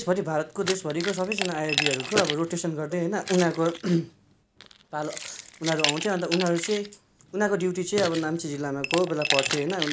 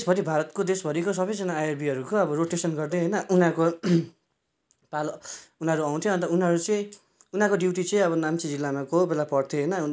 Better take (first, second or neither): second